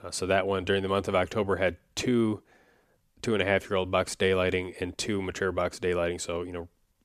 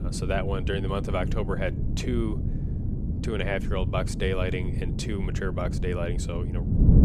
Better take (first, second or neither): first